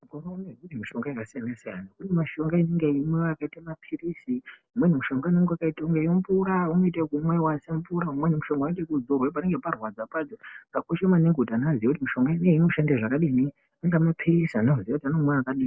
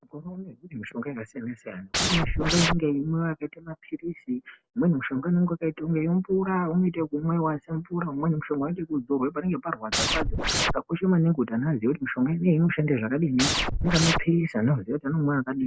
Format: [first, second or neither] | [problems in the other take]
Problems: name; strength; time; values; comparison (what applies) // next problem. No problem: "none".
first | background sound (Scratching (performance technique)); 1 dB above the speech